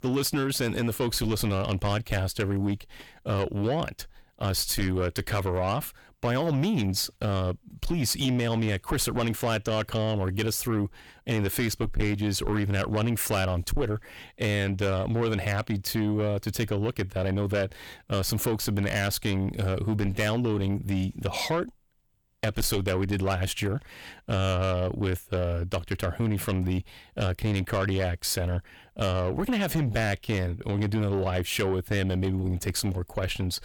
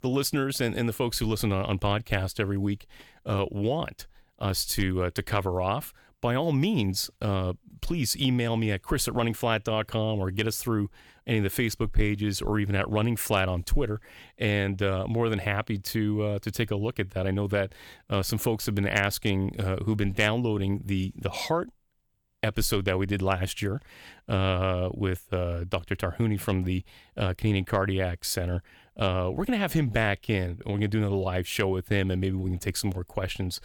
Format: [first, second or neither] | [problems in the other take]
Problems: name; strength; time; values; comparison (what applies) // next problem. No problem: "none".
second | distortion; slight; 10 dB below the speech